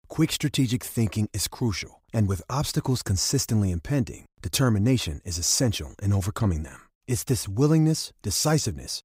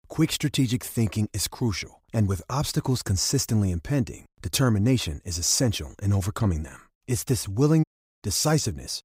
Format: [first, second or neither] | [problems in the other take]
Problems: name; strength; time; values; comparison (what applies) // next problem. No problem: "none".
first | audio cutting out; at 8 s